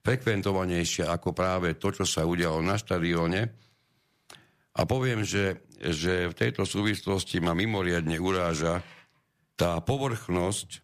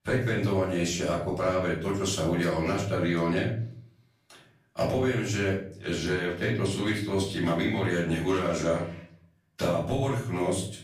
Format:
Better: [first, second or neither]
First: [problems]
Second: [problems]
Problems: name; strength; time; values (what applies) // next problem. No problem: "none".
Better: first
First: none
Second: off-mic speech; far // room echo; noticeable; dies away in 0.5 s